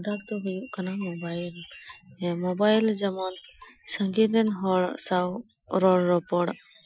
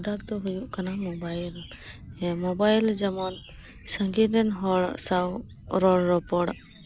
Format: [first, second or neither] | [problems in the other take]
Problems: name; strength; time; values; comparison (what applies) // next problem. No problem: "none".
second | noise reduction (classical method Wiener filter)